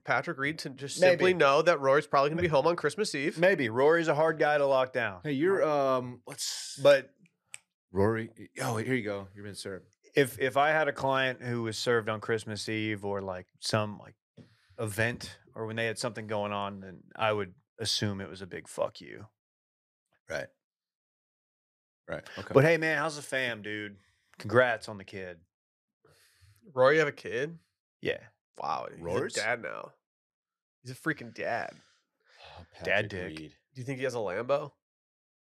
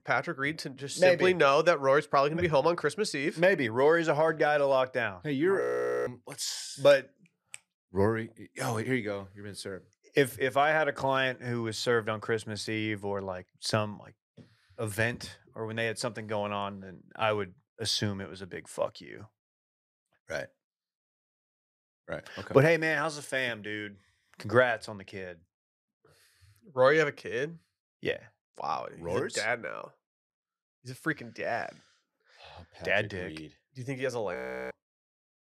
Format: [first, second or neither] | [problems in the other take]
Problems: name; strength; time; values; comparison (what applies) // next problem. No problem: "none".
first | audio freezing; at 5.5 s and at 34 s